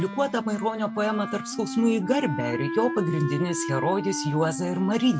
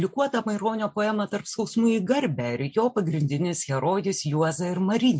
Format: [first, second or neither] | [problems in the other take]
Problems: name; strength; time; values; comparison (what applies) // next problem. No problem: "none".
second | background sound (Wind instrument, woodwind instrument); 7 dB below the speech